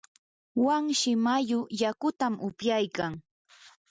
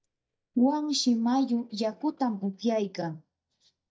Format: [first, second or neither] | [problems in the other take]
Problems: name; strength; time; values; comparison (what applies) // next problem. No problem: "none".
first | noise reduction (neural mask model DeepFilterNet 3)